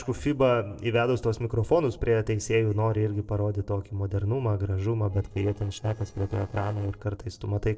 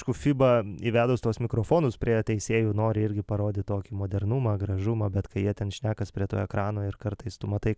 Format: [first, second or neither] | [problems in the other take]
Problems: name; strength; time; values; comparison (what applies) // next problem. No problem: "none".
second | noise reduction (neural separator model SepFormer DNS4)